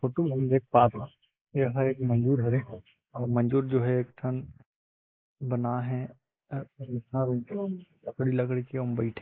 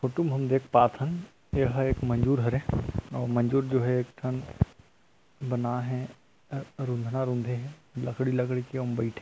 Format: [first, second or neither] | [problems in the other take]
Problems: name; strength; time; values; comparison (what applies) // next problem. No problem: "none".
second | noise reduction (neural mask model Resemble Enhance denoiser)